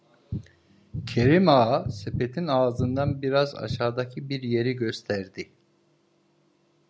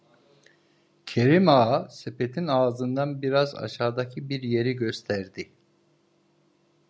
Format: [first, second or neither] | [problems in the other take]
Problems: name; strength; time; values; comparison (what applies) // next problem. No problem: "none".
second | background sound (Bass guitar); 8 dB below the speech